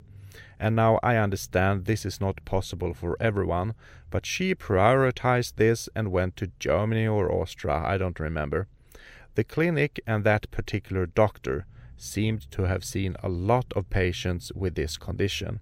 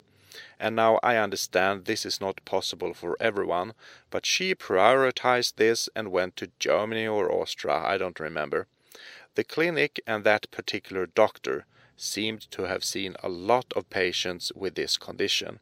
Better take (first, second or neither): first